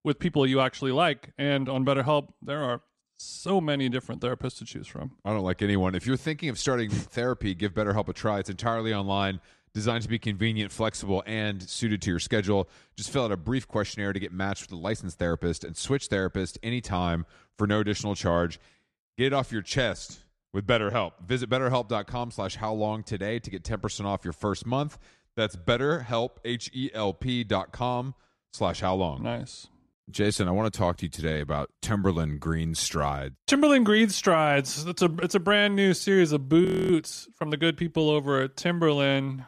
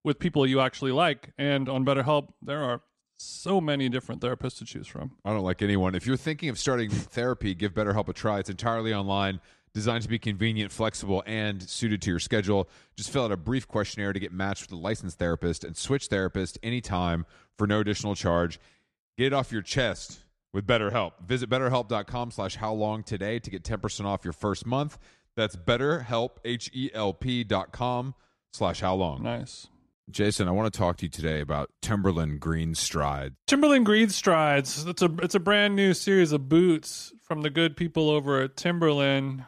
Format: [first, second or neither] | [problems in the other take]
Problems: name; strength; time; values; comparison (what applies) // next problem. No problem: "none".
second | audio freezing; at 37 s